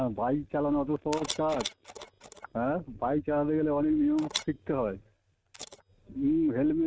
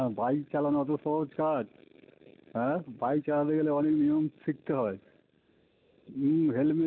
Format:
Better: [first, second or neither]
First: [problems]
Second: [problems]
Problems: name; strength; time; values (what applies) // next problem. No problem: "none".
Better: second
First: noise reduction (neural mask model RNNoise)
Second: none